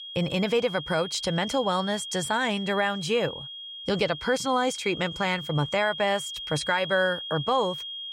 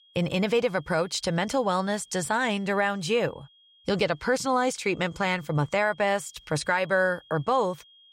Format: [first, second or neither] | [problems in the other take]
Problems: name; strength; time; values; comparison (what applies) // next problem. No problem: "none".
second | high-pitched whine; loud; throughout; 3.5 kHz, 9 dB below the speech; faint in the second